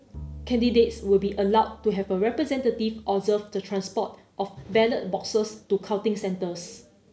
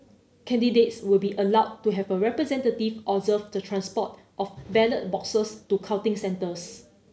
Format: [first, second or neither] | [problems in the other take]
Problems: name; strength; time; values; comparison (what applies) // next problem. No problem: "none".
second | background sound (Bowed string instrument); 18 dB below the speech